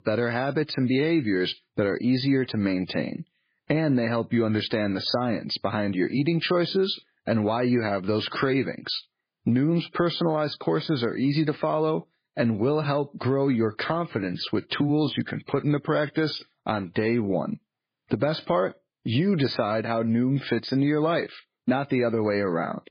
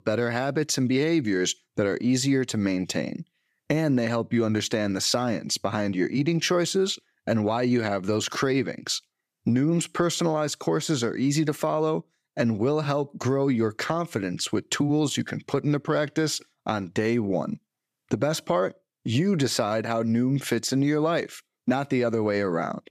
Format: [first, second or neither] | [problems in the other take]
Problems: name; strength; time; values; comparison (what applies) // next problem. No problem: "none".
second | garbled, watery; badly